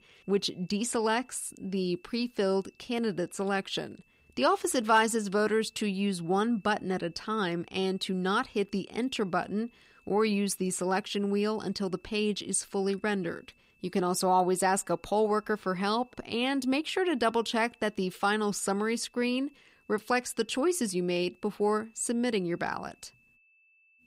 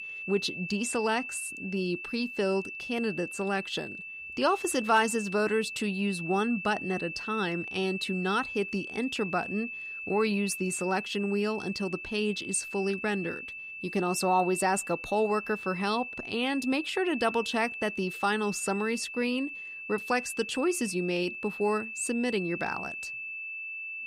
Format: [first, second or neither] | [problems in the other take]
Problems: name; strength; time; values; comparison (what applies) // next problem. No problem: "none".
first | high-pitched whine; loud; throughout; 2.5 kHz, 7 dB below the speech; faint in the first